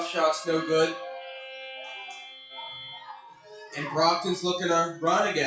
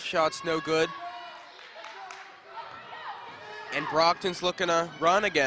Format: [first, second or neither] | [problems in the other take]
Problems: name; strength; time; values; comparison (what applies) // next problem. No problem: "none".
second | noise reduction (classical method WPE with log-MMSE)